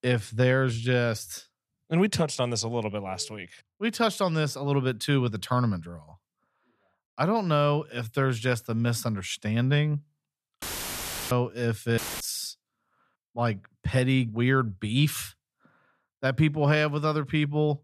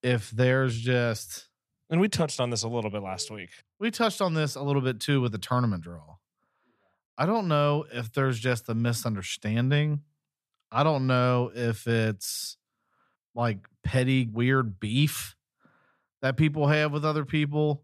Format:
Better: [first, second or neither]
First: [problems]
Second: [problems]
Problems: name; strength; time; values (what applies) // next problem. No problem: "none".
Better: second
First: audio cutting out; filled with static; at 11 s for 0.5 s and at 12 s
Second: none